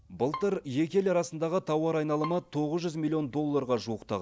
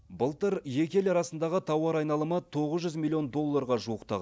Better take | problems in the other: second | background sound (Bowed string instrument); 18 dB below the speech

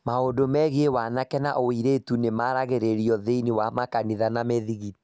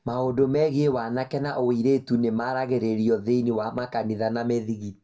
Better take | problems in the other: first | room echo; dies away in 0.2 s

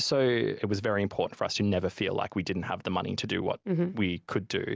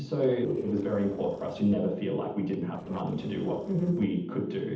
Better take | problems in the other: first | noise reduction (neural separator model SepFormer DNS4)

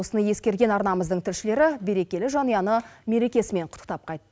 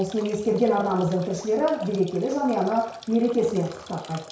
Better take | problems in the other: first | background sound (Drip / Trickle, dribble / Bathtub (filling or washing)); 20 dB below the speech // room echo; dies away in 0.6 s

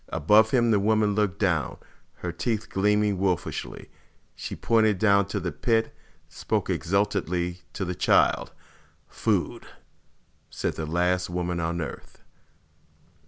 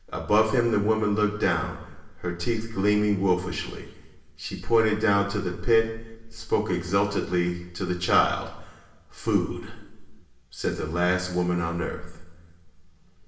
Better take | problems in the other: first | room echo; dies away in 1.1 s

